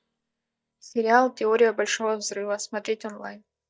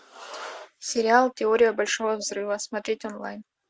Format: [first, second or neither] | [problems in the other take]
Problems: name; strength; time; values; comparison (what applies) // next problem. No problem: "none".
second | noise reduction (neural mask model DeepFilterNet 3)